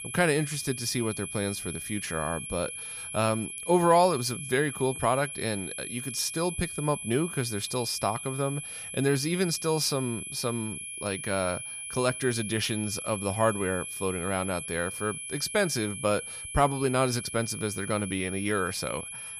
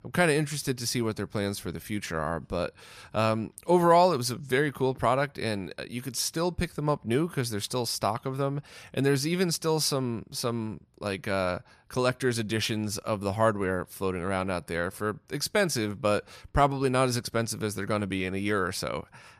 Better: second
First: high-pitched whine; loud; throughout; 11 kHz, 7 dB below the speech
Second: none

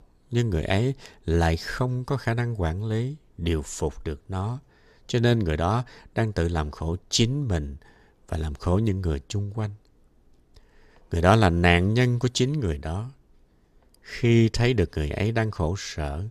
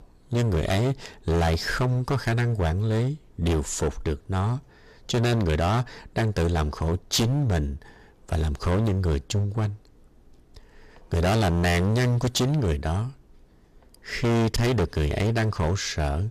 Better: first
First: none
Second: distortion; heavy; 18% of the sound clipped

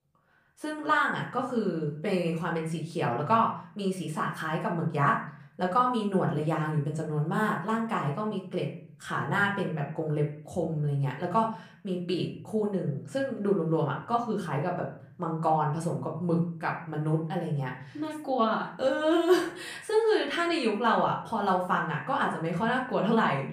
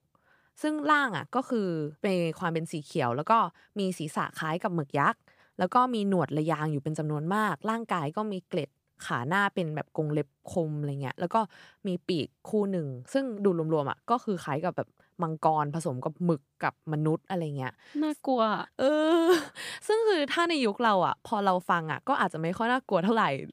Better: second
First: room echo; slight; dies away in 0.5 s // off-mic speech; far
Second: none

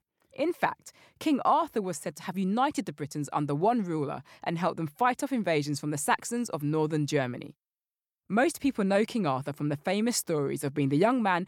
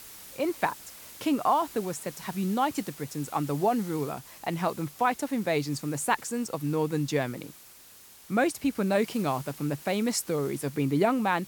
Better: first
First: none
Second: hiss; noticeable; throughout; 15 dB below the speech

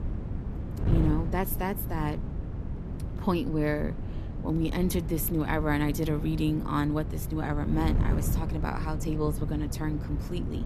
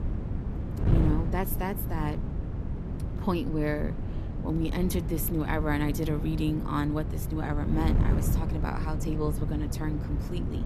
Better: first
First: wind noise on the microphone; occasional gusts; 10 dB below the speech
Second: wind noise on the microphone; heavy; 7 dB below the speech

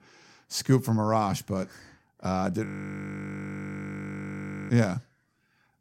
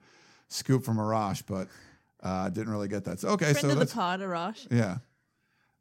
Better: second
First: audio freezing; at 2.5 s for 2 s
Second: none

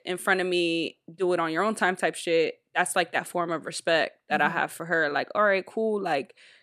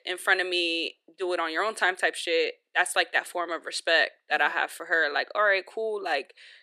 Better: first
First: none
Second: thin; very; fading below 350 Hz

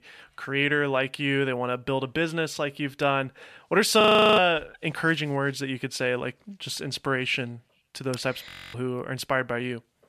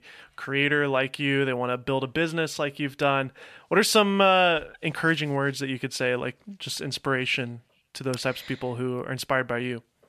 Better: second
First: audio freezing; at 4 s and at 8.5 s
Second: none

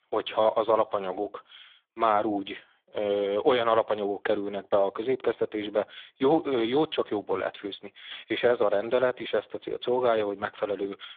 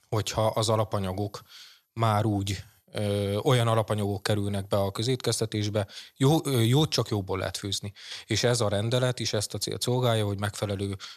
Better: second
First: phone-call audio; poor line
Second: none

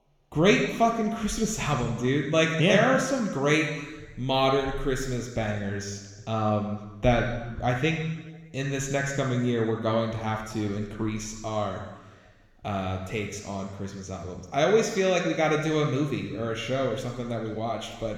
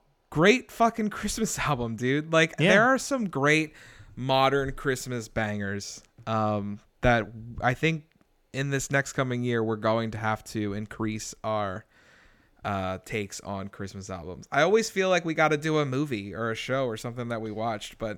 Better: second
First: room echo; noticeable; dies away in 1.1 s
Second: none

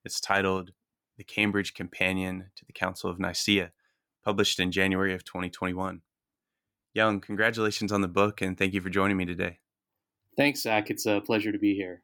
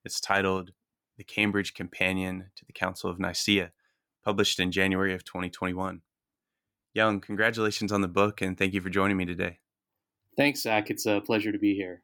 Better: neither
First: none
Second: none

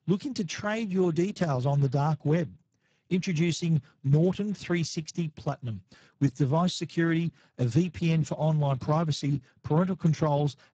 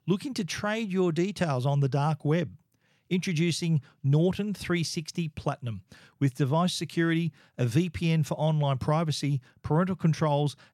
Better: second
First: garbled, watery; badly; nothing above 7.5 kHz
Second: none

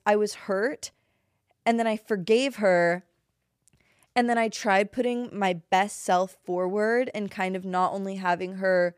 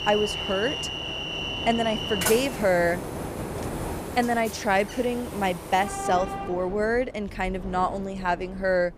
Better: first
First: none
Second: train or aircraft noise; loud; throughout; 6 dB below the speech

